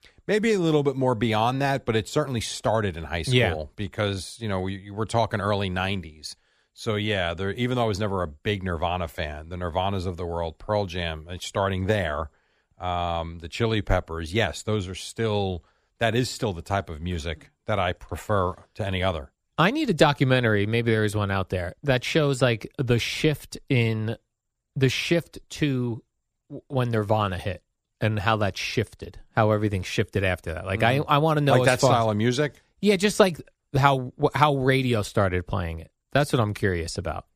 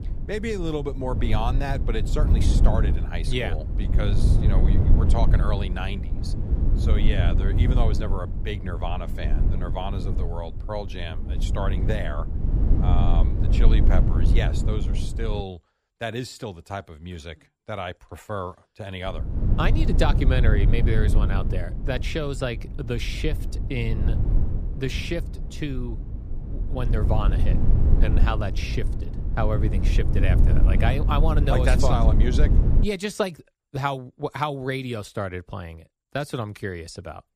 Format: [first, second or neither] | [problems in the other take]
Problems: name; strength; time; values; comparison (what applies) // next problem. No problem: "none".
first | low rumble; loud; until 15 s and from 19 to 33 s; 6 dB below the speech